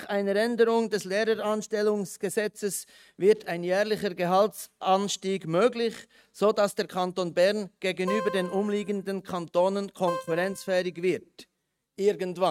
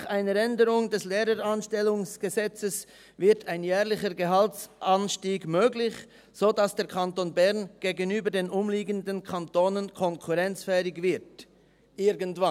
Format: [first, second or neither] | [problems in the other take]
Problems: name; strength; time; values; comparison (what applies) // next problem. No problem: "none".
second | noise reduction (neural mask model RNNoise)